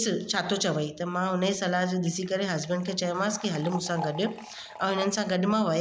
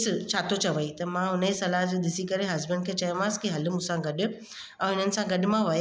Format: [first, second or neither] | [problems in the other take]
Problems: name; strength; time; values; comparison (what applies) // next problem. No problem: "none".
second | background sound (Liquid); 14 dB below the speech